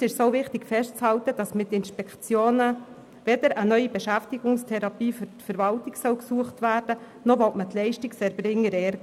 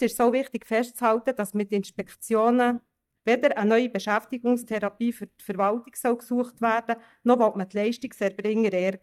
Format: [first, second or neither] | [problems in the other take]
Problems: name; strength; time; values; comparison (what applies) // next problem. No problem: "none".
first | noise reduction (neural mask model DeepFilterNet 3)